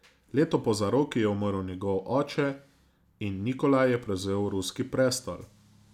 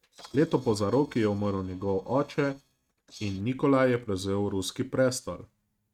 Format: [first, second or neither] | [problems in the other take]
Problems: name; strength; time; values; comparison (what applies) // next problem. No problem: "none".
first | noise reduction (neural mask model RNNoise)